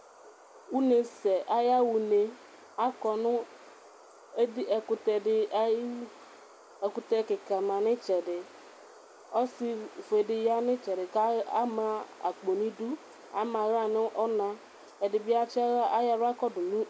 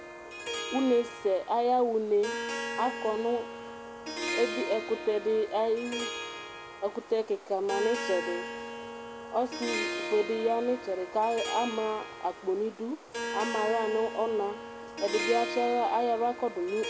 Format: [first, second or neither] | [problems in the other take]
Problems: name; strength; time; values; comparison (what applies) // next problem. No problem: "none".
first | background sound (Harp); 7 dB below the speech